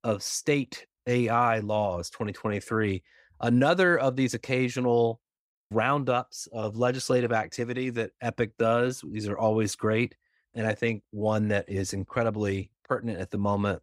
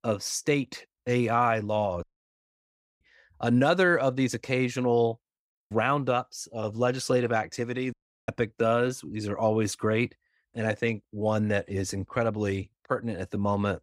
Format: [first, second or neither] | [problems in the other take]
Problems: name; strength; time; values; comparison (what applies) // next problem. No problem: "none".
first | audio cutting out; at 2 s for 1 s and at 8 s